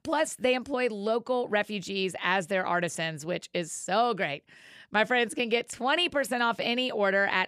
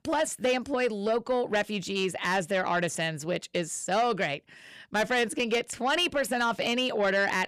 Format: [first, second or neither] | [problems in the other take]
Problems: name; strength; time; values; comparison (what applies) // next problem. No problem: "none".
first | distortion; slight; 10 dB below the speech